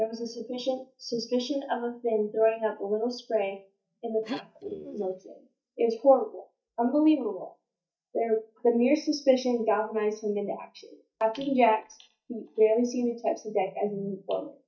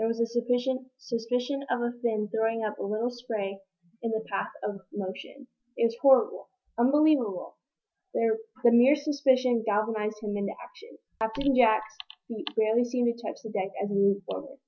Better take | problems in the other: second | noise reduction (neural mask model DeepFilterNet 3)

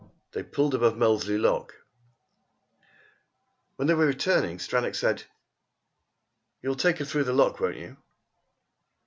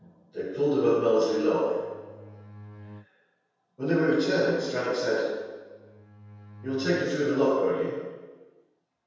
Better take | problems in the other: first | background sound (Bowed string instrument); 20 dB below the speech // room echo; dies away in 1.2 s

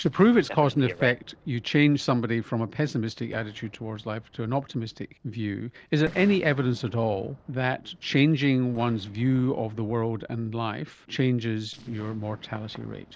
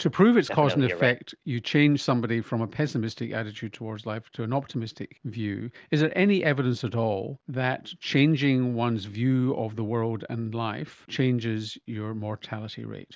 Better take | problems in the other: second | noise reduction (neural separator model SepFormer DNS4)

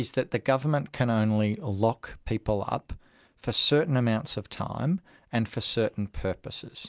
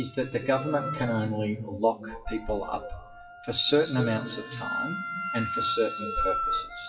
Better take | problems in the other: first | noise reduction (classical method WPE with log-MMSE)

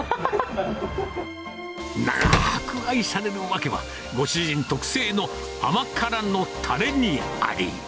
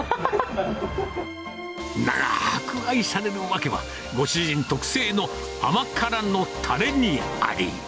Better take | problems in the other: second | background sound (Slam); 3 dB below the speech

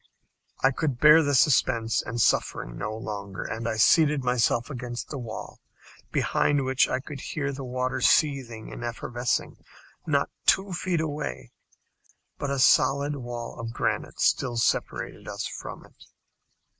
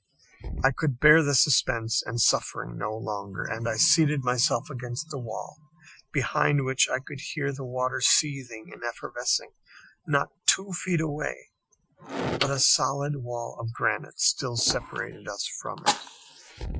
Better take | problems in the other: first | noise reduction (classical method Wiener filter)

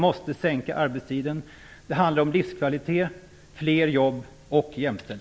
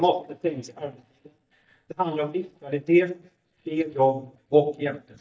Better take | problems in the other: first | noise reduction (neural mask model DeepFilterNet 3)

